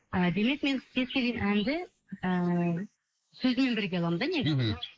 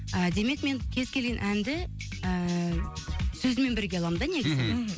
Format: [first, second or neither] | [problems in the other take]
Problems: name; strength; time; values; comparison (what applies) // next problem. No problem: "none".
second | noise reduction (neural mask model Resemble Enhance denoiser)